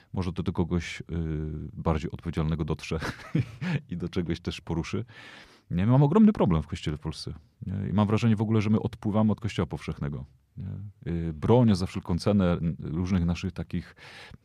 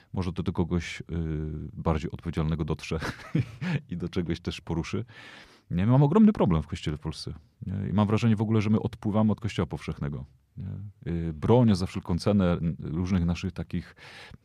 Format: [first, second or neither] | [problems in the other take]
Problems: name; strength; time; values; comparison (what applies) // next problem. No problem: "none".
neither | none